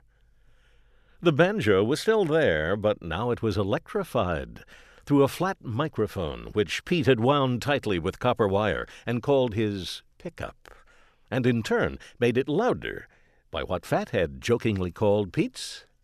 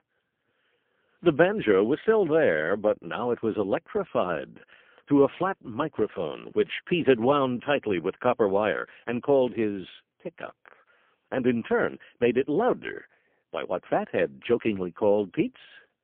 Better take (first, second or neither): first